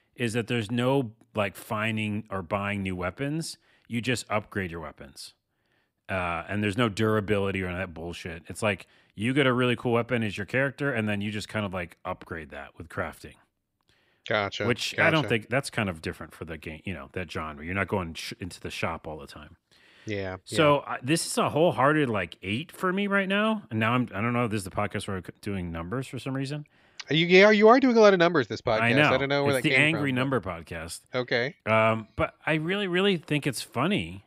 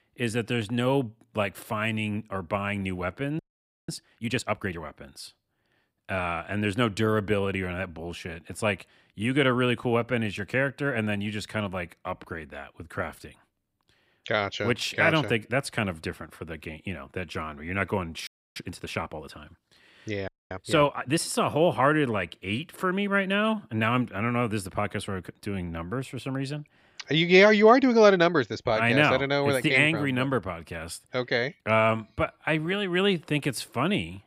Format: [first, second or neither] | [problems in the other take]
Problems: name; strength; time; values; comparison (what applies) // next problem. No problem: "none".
first | audio freezing; at 3.5 s, at 18 s and at 20 s